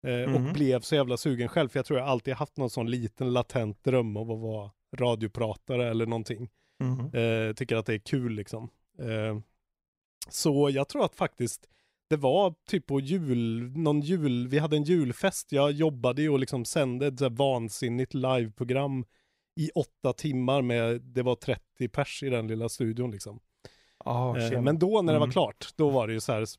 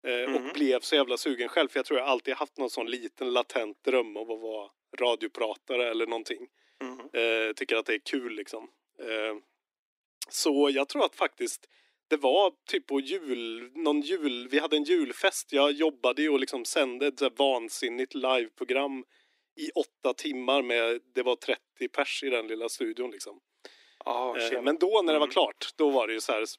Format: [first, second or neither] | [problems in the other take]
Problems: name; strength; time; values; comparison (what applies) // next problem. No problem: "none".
first | thin; somewhat; fading below 250 Hz